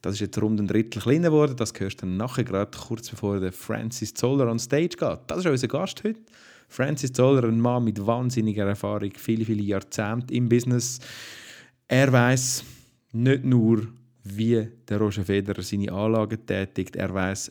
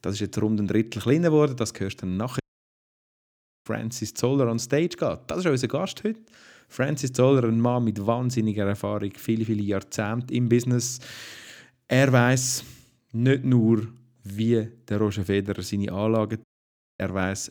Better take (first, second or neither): first